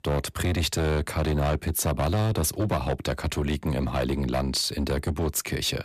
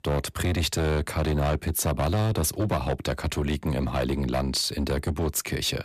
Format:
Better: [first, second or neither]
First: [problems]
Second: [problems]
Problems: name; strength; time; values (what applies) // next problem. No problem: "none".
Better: neither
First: distortion; slight; 14% of the sound clipped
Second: distortion; slight; 14% of the sound clipped